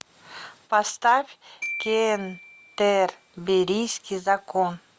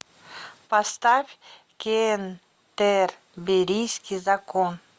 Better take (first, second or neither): second